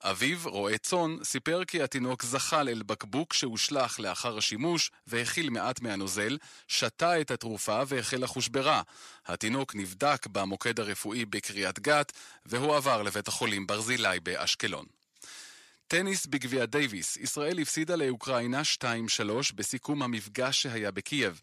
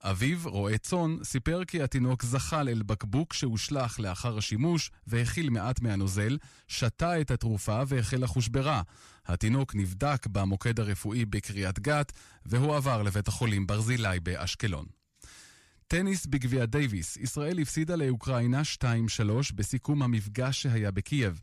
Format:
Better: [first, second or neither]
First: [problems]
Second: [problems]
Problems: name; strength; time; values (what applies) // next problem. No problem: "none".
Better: second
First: thin; somewhat; fading below 350 Hz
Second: none